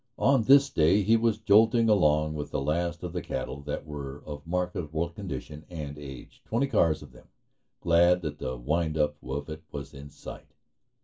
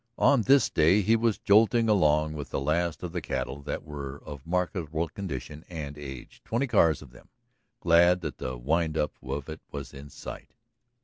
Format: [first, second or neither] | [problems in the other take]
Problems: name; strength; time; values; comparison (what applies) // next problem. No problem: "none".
second | room echo; dies away in 0.2 s